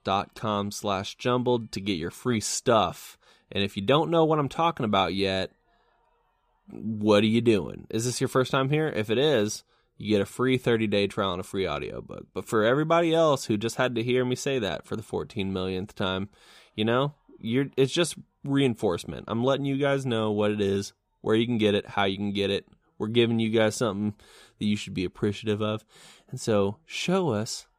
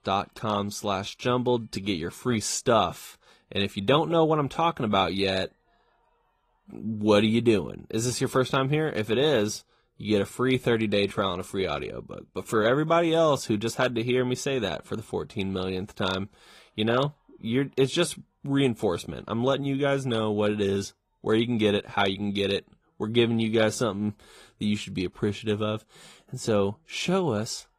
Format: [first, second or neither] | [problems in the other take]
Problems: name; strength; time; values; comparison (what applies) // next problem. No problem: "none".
first | garbled, watery; slightly; nothing above 15 kHz